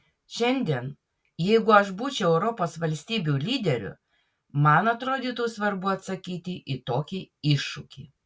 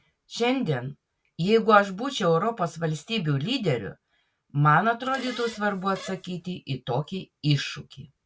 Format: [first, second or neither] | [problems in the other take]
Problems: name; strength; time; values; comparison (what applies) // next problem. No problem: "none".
first | background sound (Fart); 17 dB below the speech